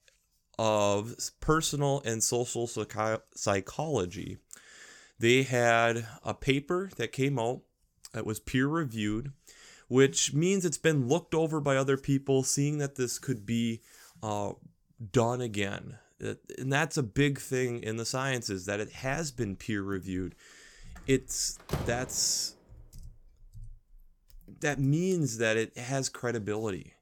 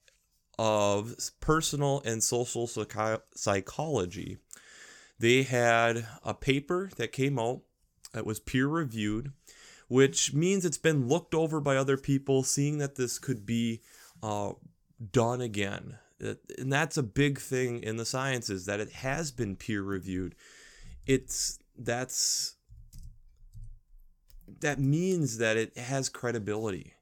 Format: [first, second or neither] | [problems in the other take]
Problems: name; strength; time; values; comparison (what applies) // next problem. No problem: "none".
second | door banging; noticeable; at 22 s; peak 6 dB below the speech